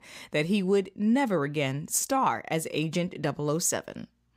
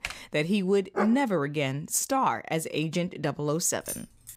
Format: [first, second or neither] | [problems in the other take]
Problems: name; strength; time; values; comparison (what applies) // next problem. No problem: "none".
first | keyboard typing; faint; at the start; peak 10 dB below the speech // dog barking; noticeable; at 1 s; peak 4 dB below the speech // jangling keys; noticeable; at 4 s; peak 10 dB below the speech